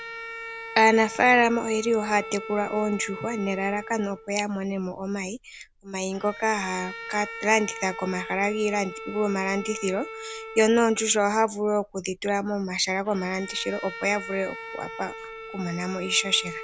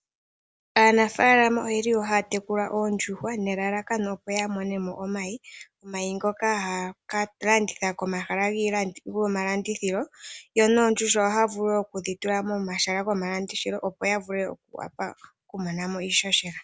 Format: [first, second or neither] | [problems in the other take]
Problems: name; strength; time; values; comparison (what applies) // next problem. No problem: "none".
second | background sound (Bowed string instrument); 13 dB below the speech